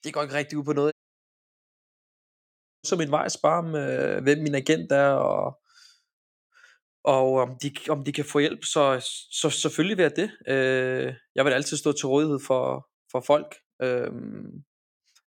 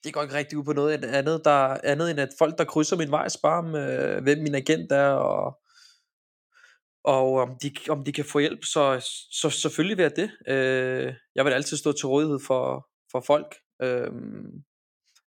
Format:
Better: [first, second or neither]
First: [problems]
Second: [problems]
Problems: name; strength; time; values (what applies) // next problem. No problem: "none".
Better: second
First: audio cutting out; at 1 s for 2 s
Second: none